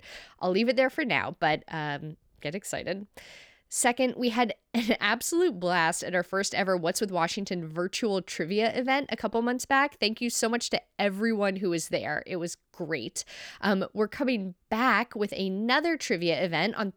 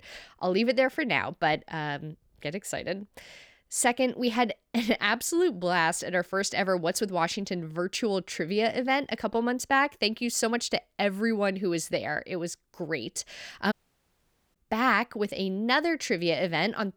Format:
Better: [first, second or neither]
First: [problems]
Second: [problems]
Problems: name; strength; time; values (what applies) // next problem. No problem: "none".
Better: first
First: none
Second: audio cutting out; at 14 s for 1 s